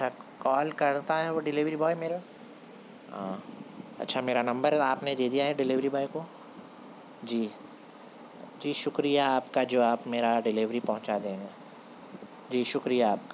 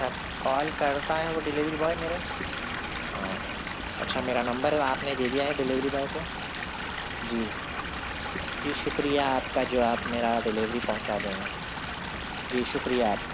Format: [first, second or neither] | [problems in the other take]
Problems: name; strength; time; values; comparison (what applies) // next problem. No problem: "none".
first | background sound (Stream / Liquid); 4 dB below the speech